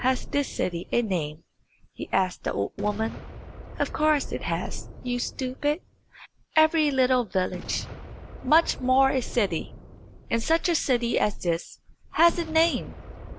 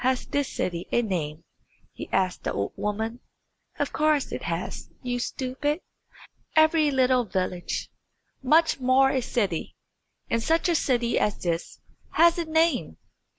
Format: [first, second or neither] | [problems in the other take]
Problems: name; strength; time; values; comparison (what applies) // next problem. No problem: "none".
second | background sound (Boom); 15 dB below the speech